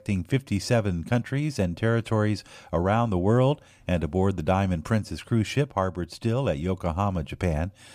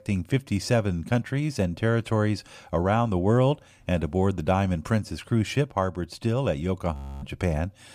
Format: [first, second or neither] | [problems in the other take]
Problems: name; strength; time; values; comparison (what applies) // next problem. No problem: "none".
first | audio freezing; at 7 s